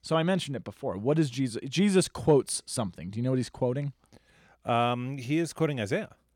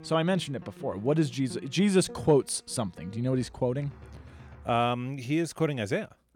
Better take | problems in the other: first | background music; faint; throughout; 20 dB below the speech

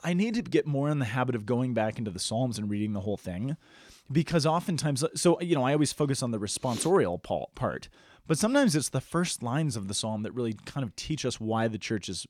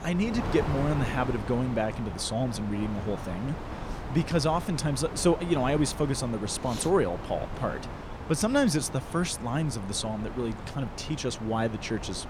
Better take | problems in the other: first | wind noise on the microphone; heavy; 9 dB below the speech

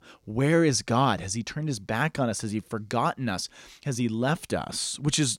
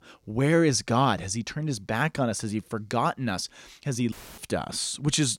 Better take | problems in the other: first | audio cutting out; filled with static; at 4 s

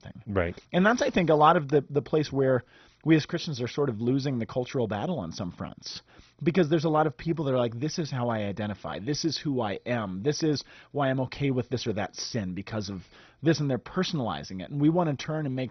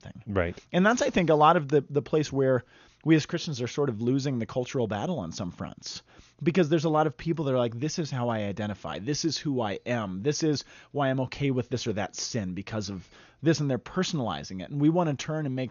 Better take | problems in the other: second | garbled, watery; badly; nothing above 6 kHz; slightly in the second

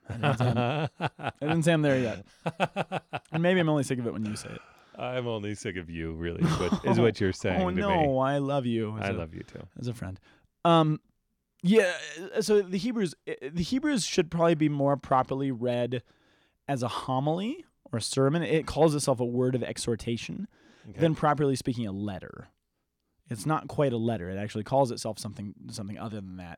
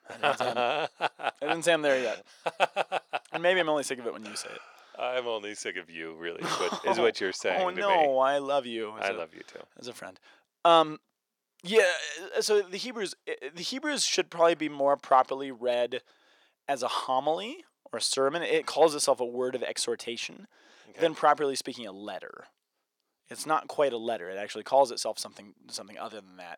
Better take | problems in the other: first | thin; very; fading below 550 Hz

